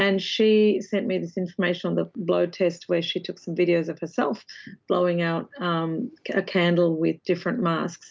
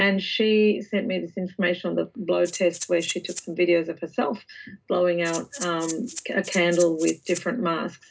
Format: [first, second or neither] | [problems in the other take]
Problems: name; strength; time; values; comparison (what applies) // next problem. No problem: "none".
first | background sound (Rattle (instrument)); 12 dB below the speech // room echo; dies away in 0.2 s